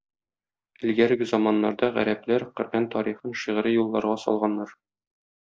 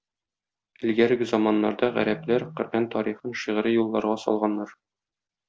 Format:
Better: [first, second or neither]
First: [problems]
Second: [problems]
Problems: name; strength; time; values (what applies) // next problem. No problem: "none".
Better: second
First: noise reduction (neural mask model Resemble Enhance denoiser)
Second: none